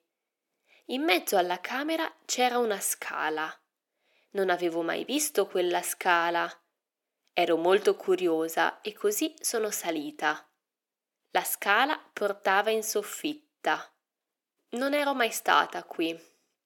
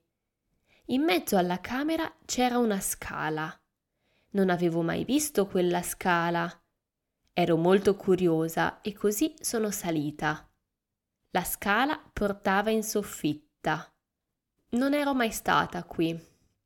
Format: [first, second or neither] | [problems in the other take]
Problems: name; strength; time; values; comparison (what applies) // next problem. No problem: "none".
second | thin; somewhat; fading below 350 Hz